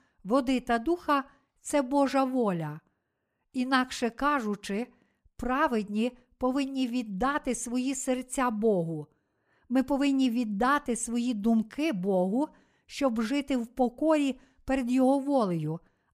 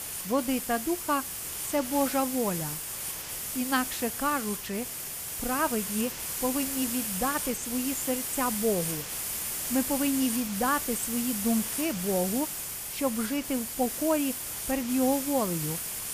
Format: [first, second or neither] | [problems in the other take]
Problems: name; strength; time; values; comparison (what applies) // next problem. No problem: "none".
first | hiss; loud; throughout; 2 dB below the speech